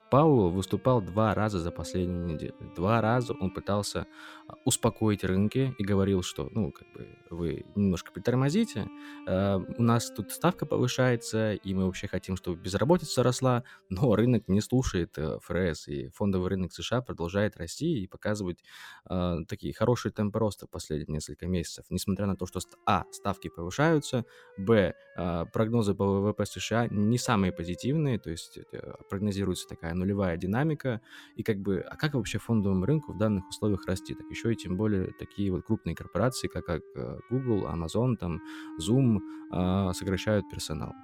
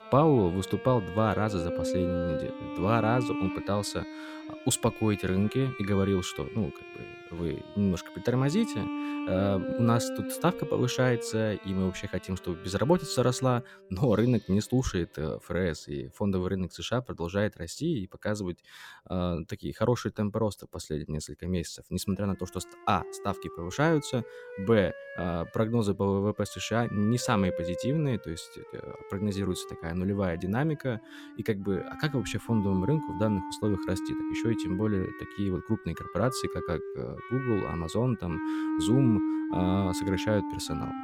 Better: first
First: background music; faint; throughout; 20 dB below the speech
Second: background music; loud; throughout; 7 dB below the speech

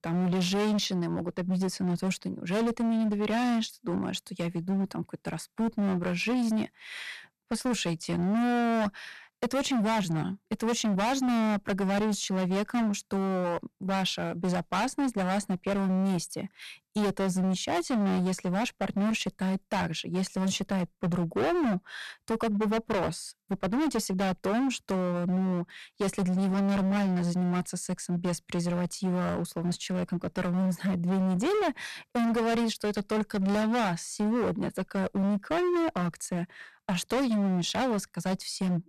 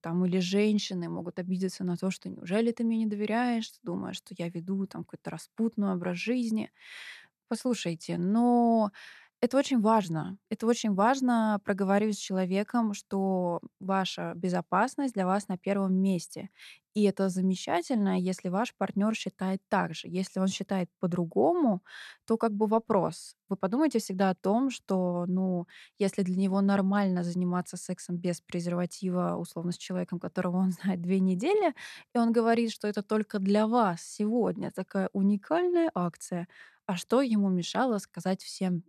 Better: second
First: distortion; heavy; 26% of the sound clipped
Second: none

